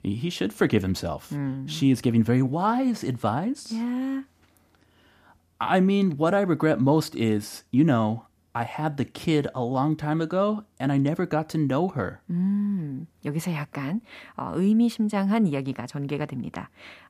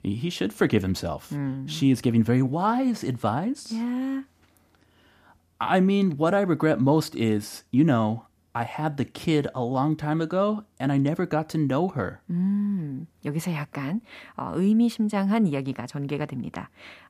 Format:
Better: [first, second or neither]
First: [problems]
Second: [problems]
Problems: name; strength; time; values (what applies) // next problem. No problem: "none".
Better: neither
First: none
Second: none